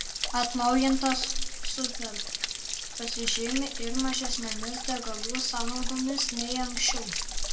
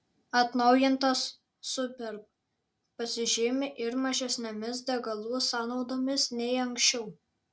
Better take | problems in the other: second | background sound (Stream / Trickle, dribble / Splash, splatter); as loud as the speech // room echo; dies away in 0.9 s

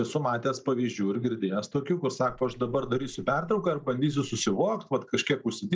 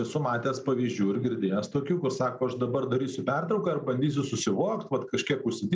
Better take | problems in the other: second | noise reduction (neural mask model DeepFilterNet 3)

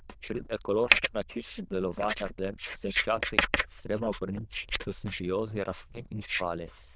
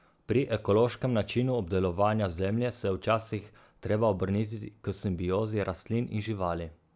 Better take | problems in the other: second | noise reduction (neural diffusion model UNIVERSE++)

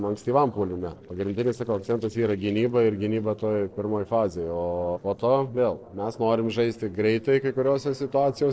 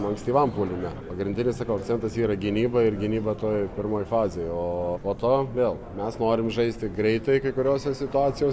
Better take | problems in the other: second | noise reduction (neural separator model SepFormer DNS4)

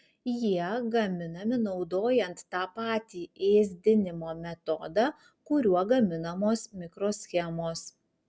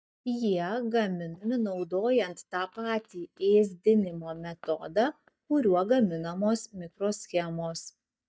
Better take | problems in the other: first | noise reduction (neural mask model DeepFilterNet 3)

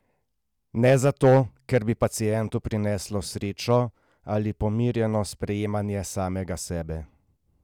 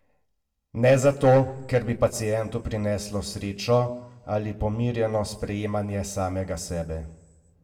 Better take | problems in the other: first | room echo; dies away in 0.7 s

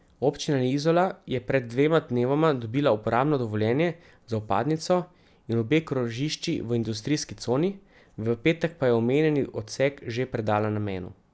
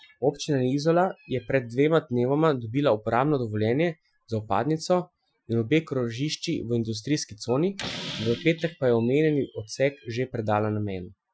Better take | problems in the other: first | noise reduction (classical method Wiener filter)

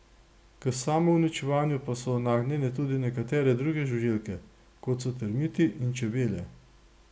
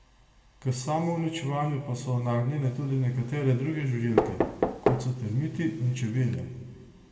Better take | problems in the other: first | background sound (Knock); 3 dB below the speech // room echo; dies away in 1.6 s

